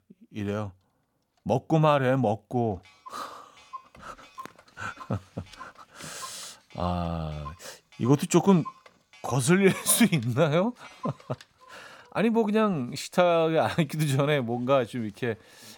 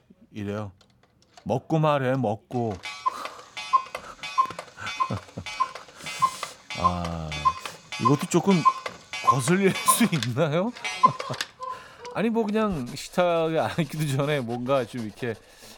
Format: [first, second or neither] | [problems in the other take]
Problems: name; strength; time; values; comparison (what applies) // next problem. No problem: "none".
first | household noises; loud; throughout; 2 dB below the speech; faint in the first